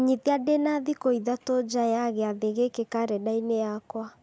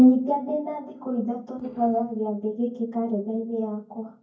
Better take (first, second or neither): first